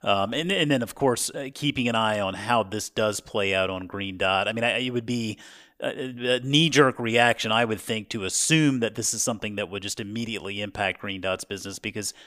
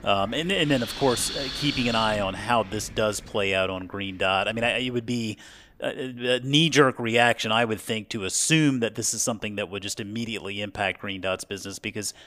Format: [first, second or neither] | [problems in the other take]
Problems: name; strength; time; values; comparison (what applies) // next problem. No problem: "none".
first | wind in the background; loud; throughout; 9 dB below the speech